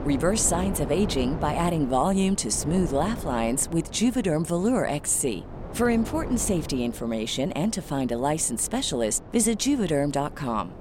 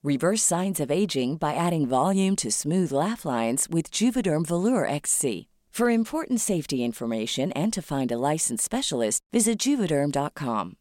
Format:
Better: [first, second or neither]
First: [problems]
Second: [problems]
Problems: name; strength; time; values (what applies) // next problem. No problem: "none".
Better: second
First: wind noise on the microphone; occasional gusts; 15 dB below the speech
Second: none